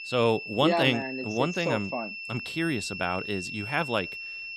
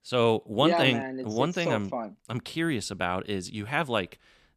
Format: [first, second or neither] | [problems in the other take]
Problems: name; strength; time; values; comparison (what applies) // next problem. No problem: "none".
second | high-pitched whine; loud; throughout; 2.5 kHz, 8 dB below the speech